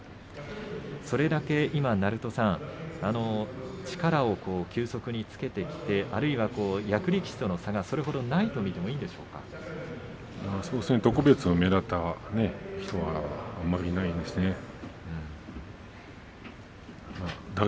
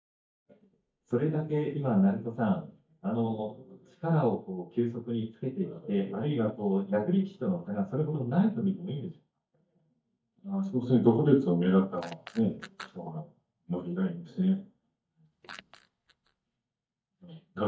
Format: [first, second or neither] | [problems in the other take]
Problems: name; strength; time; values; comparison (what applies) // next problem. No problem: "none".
first | noise reduction (neural mask model DeepFilterNet 3)